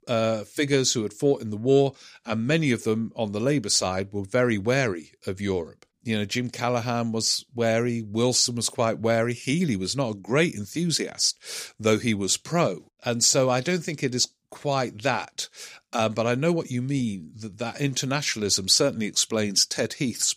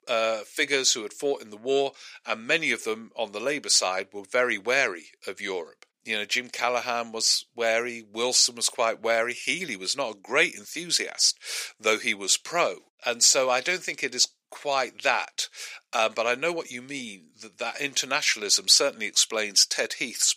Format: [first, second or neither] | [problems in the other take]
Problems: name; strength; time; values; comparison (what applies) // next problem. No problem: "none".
first | thin; somewhat; fading below 550 Hz